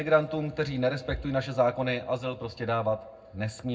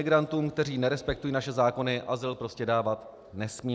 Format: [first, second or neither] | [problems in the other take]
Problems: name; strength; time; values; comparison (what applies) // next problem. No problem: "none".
second | room echo; dies away in 0.3 s